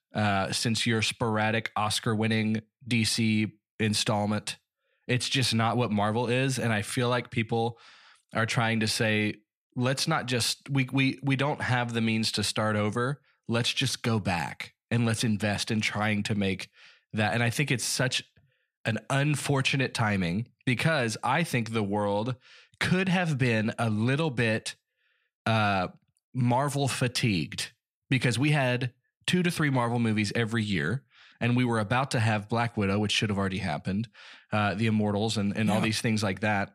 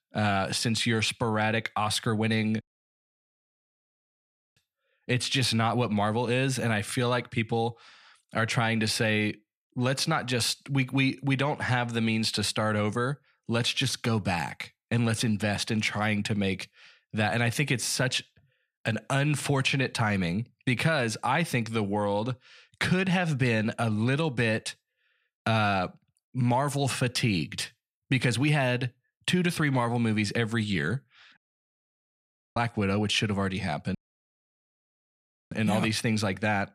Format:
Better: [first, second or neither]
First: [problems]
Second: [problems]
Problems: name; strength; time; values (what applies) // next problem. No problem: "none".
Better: first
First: none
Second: audio cutting out; at 2.5 s for 2 s, at 31 s for 1 s and at 34 s for 1.5 s